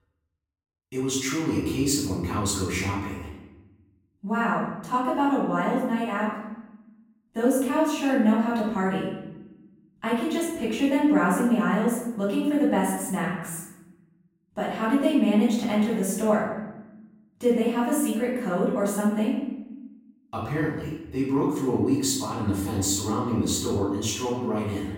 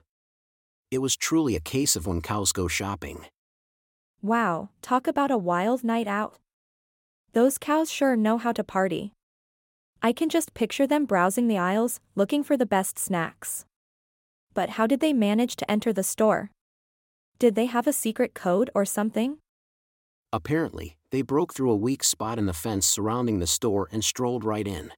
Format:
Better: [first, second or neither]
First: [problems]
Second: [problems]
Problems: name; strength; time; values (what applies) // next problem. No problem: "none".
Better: second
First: off-mic speech; far // room echo; noticeable; dies away in 1 s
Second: none